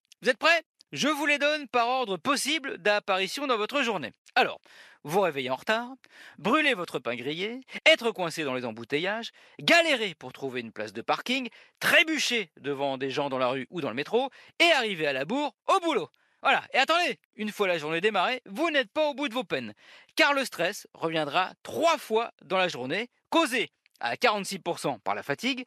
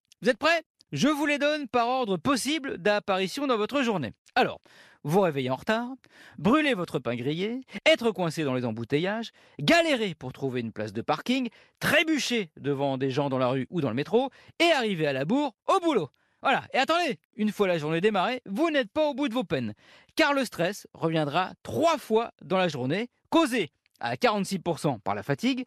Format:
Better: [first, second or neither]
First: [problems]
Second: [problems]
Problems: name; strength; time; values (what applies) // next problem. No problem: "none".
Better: second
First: thin; very slightly; fading below 550 Hz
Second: none